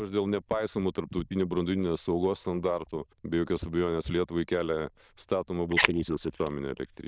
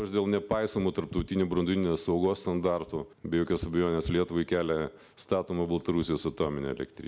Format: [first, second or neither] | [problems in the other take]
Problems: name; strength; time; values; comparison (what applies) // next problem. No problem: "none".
second | noise reduction (neural diffusion model UNIVERSE++)